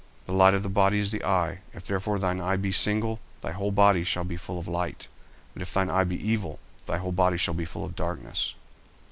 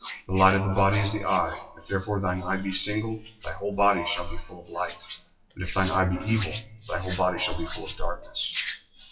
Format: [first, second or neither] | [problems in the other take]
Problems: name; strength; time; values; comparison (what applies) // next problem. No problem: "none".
first | noise reduction (classical method WPE with log-MMSE)